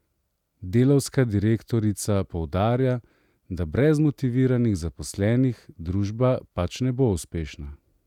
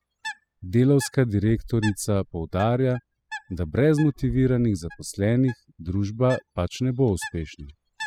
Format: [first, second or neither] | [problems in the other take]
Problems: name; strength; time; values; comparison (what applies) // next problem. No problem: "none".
first | noise reduction (classical method spectral subtraction)